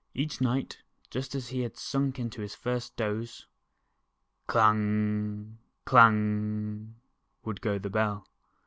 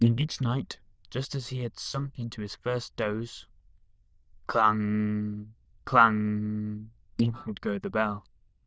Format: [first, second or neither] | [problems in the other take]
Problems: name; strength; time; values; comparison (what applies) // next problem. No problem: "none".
first | noise reduction (neural diffusion model UNIVERSE++)